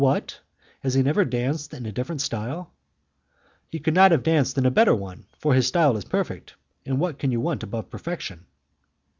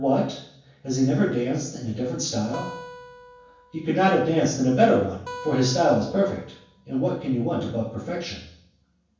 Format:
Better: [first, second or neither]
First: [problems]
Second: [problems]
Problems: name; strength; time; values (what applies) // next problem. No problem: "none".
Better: first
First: none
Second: background sound (Acoustic guitar); 17 dB below the speech // room echo; dies away in 0.7 s